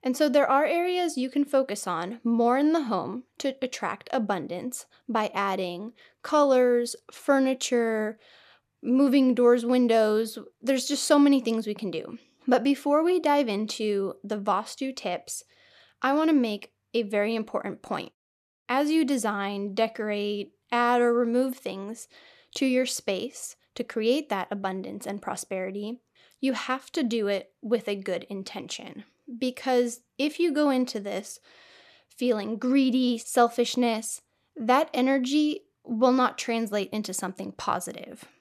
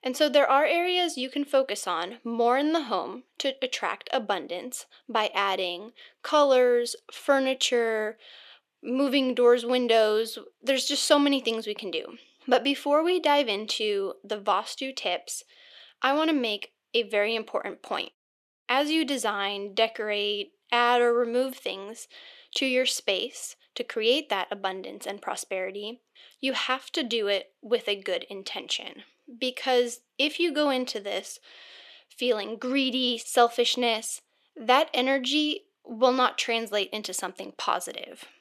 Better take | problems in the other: first | thin; very slightly; fading below 400 Hz

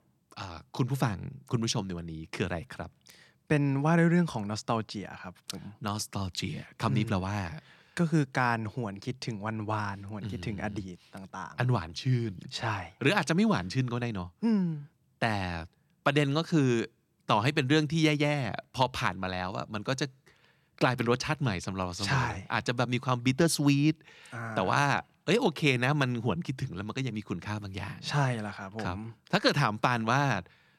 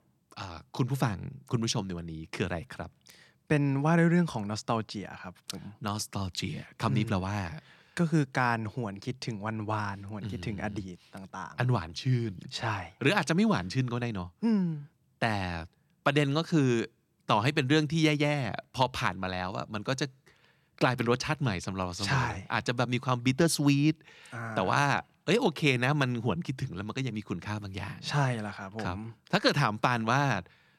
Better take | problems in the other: neither | none

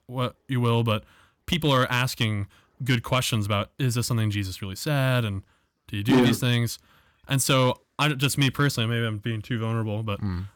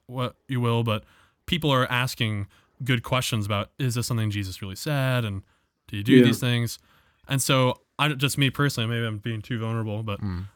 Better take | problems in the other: second | distortion; slight; 1.8% of the sound clipped

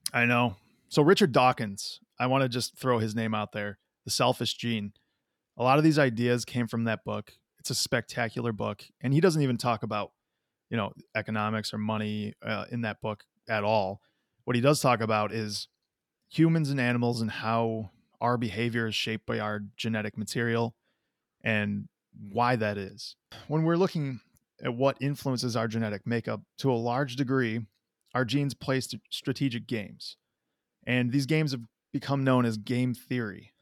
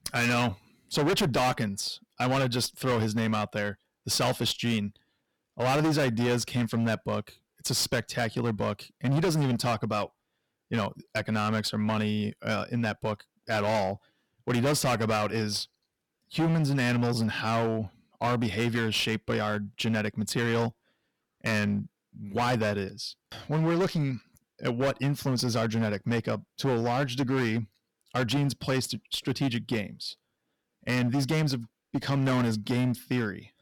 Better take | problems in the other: first | distortion; heavy; 15% of the sound clipped

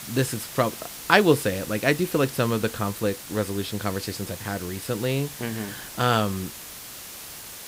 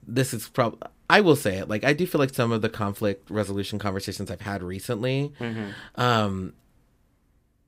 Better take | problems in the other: second | hiss; noticeable; throughout; 10 dB below the speech

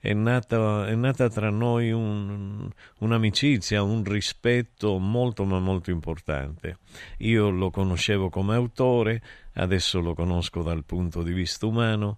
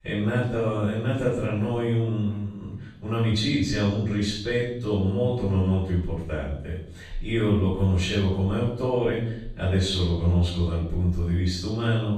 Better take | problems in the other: first | off-mic speech; far // room echo; noticeable; dies away in 0.7 s

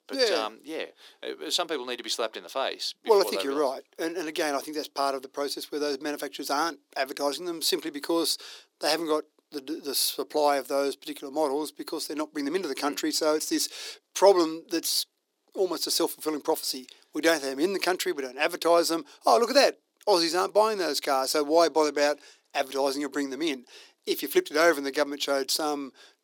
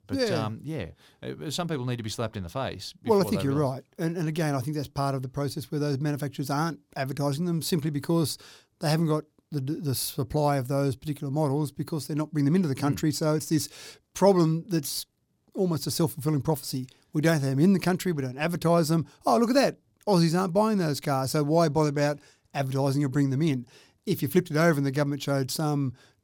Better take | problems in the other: second | thin; somewhat; fading below 350 Hz

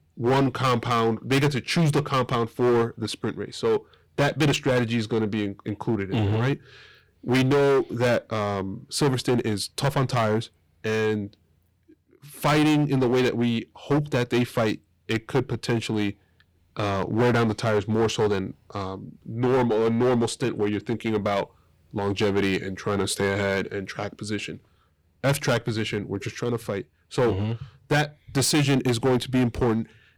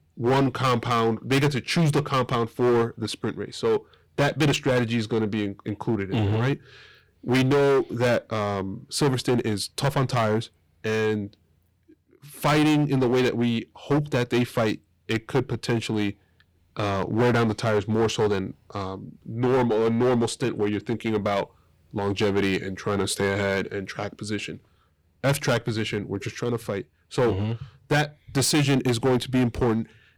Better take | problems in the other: neither | distortion; heavy; 10% of the sound clipped; the same in both

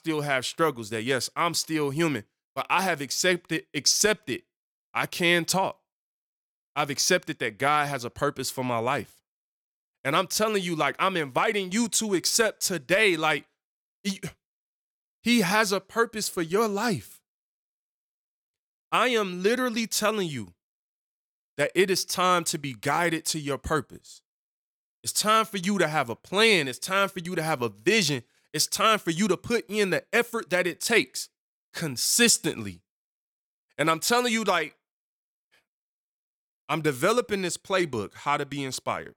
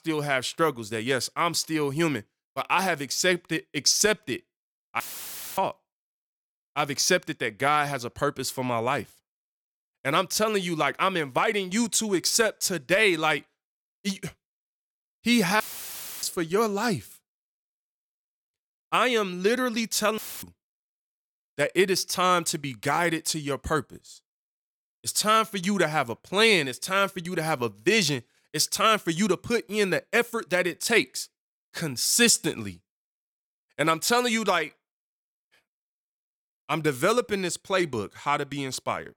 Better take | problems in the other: first | audio cutting out; filled with static; at 5 s for 0.5 s, at 16 s for 0.5 s and at 20 s

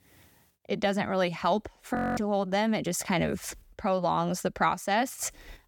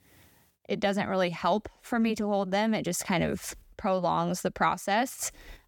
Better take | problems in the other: second | audio freezing; at 2 s

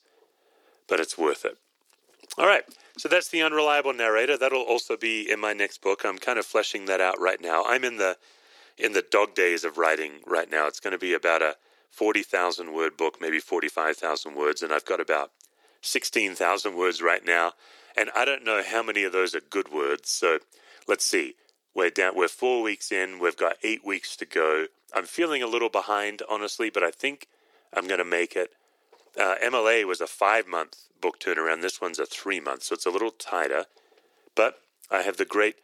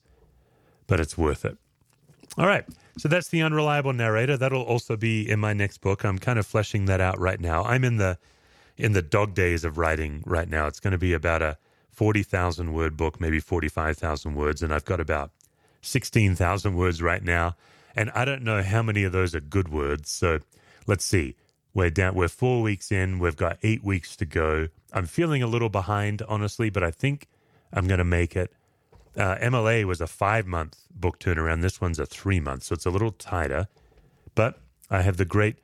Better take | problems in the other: second | thin; very; fading below 350 Hz

